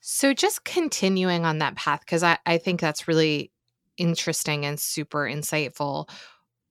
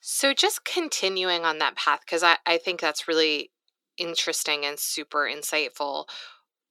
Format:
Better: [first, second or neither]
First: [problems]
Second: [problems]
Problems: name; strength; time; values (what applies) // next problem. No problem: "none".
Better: first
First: none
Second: thin; very; fading below 350 Hz